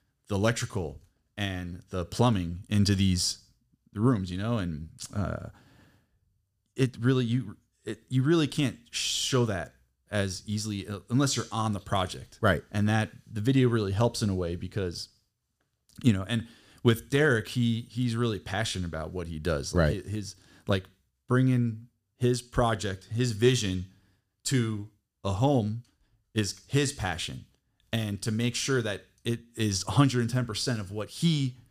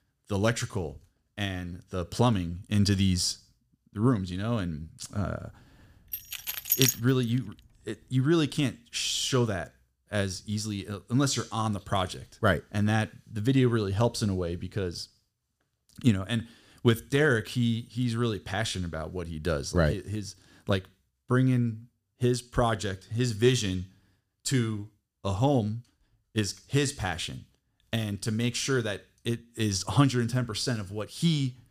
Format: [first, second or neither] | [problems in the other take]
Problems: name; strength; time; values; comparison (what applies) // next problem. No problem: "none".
first | jangling keys; loud; at 6 s; peak 5 dB above the speech